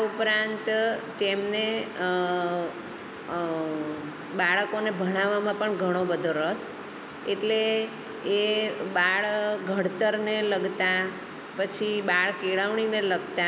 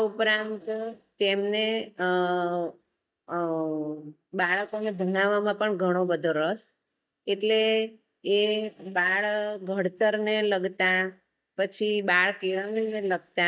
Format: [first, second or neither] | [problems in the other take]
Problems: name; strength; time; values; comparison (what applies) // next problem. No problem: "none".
first | noise reduction (neural mask model DeepFilterNet 3)